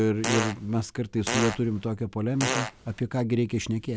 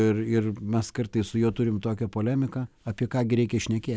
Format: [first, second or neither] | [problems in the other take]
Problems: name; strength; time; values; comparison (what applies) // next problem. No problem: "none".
second | background sound (Fart); 4 dB below the speech